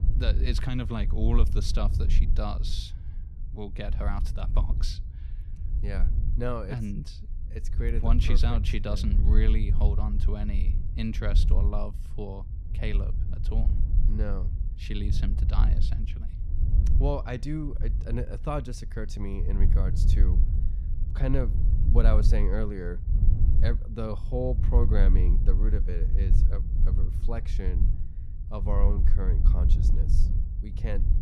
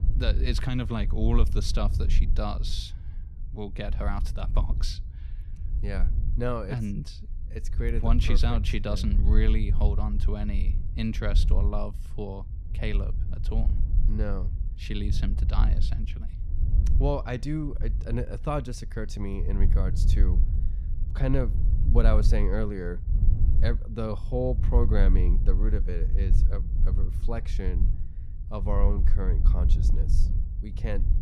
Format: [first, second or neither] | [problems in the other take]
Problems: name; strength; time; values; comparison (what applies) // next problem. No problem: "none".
second | wind noise on the microphone; heavy; 9 dB below the speech; occasional gusts in the second